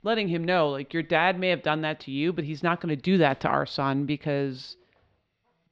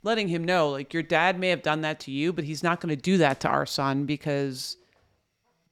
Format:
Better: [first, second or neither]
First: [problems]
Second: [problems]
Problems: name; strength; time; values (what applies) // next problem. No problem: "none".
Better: second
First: muffled; very slightly; fading above 4 kHz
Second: none